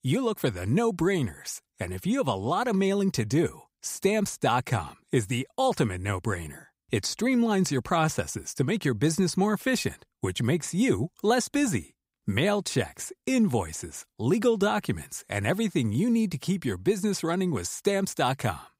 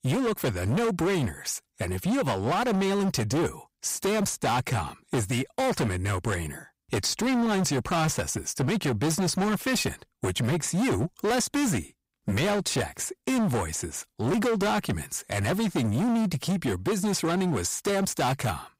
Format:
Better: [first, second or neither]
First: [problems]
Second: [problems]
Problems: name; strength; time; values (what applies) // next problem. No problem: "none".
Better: first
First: none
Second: distortion; heavy; 24% of the sound clipped